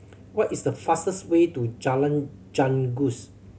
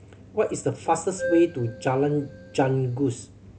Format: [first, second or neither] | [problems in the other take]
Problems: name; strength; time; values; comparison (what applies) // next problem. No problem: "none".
first | background sound (Keyboard (musical)); 11 dB below the speech